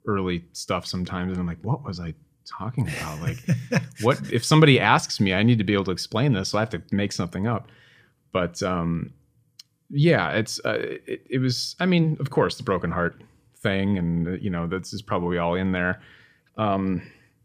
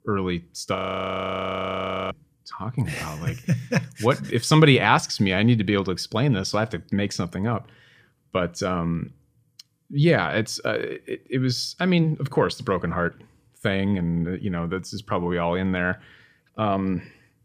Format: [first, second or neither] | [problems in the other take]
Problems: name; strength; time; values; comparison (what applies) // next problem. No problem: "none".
first | audio freezing; at 1 s for 1.5 s